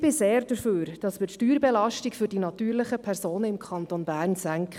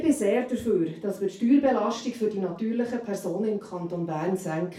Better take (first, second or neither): first